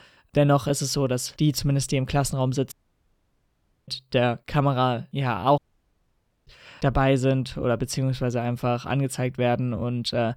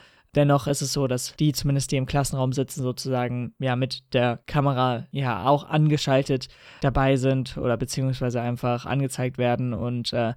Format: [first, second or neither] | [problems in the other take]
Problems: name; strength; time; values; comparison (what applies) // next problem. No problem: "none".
second | audio cutting out; at 2.5 s for 1 s and at 5.5 s for 1 s